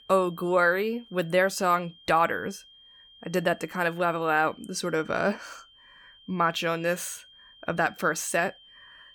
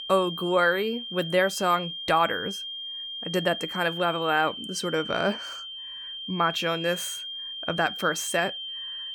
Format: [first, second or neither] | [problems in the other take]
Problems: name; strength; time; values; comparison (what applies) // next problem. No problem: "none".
first | high-pitched whine; loud; throughout; 3 kHz, 7 dB below the speech; faint in the first